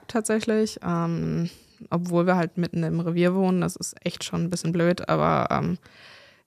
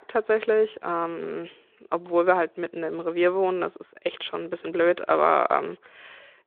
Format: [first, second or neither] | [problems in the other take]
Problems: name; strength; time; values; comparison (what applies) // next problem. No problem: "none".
first | phone-call audio